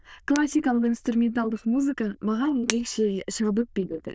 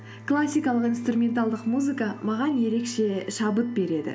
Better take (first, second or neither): second